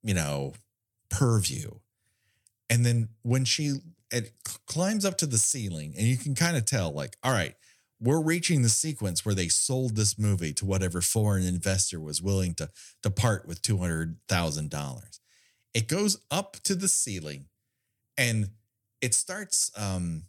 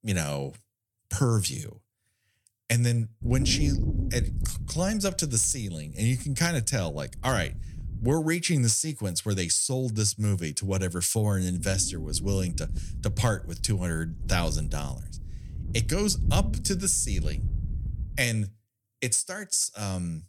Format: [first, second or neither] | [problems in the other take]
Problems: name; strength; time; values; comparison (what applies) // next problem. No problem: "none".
first | wind noise on the microphone; occasional gusts; from 3 to 8 s and from 12 to 18 s; 15 dB below the speech